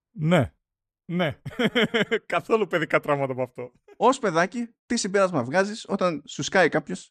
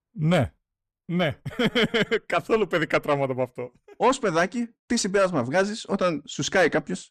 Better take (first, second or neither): first